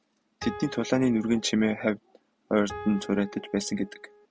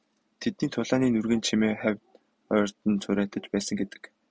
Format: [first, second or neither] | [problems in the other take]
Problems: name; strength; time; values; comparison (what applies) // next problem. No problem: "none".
second | background sound (Piano); 15 dB below the speech